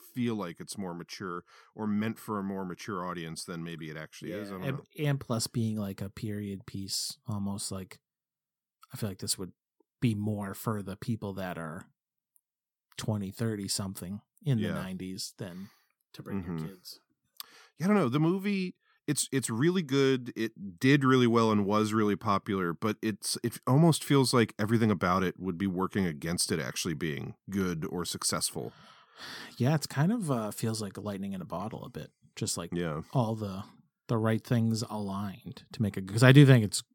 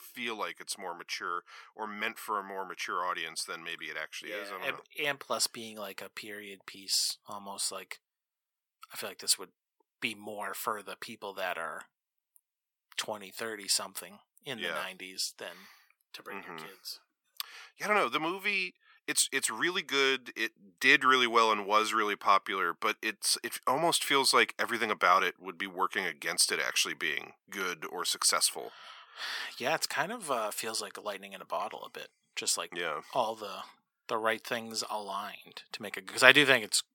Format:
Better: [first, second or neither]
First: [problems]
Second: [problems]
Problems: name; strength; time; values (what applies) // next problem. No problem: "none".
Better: first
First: none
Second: thin; very; fading below 700 Hz